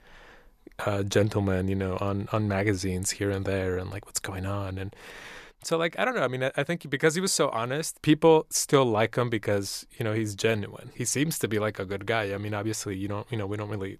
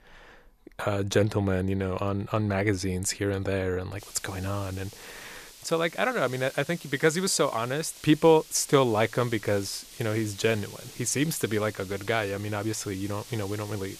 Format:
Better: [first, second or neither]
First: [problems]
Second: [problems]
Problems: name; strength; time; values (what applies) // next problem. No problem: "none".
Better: first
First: none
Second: hiss; noticeable; from 4 s on; 20 dB below the speech